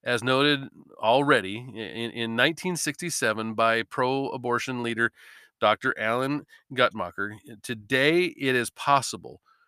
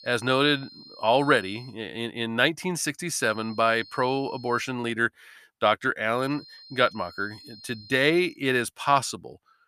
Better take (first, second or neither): first